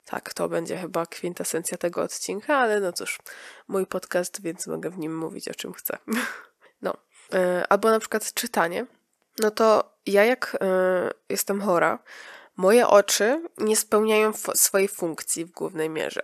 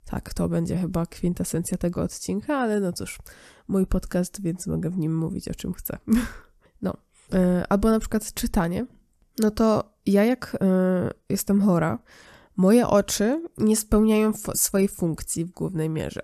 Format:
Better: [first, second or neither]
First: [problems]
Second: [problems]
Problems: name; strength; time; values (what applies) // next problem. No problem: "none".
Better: second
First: thin; somewhat; fading below 450 Hz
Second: none